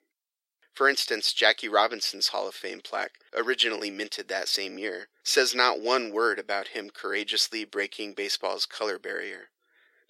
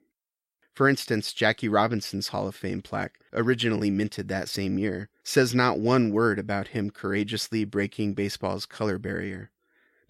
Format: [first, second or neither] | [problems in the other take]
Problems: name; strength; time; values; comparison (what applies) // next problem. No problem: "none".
second | thin; very; fading below 400 Hz